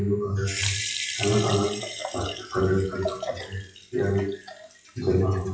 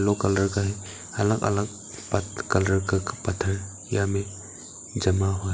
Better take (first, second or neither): second